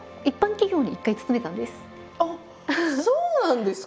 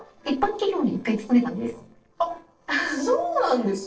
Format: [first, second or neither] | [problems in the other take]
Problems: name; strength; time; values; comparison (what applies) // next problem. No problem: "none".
first | noise reduction (neural separator model SepFormer DNS4)